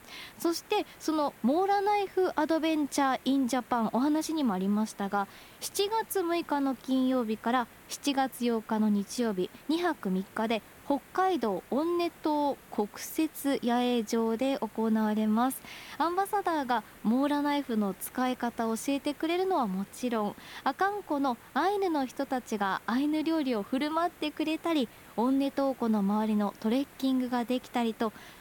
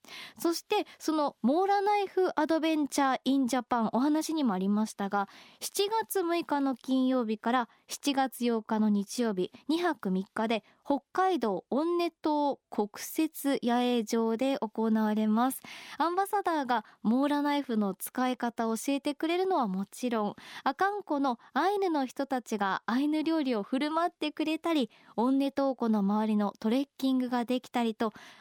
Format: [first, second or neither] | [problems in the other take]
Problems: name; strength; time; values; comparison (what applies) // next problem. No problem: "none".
second | hiss; faint; throughout; 20 dB below the speech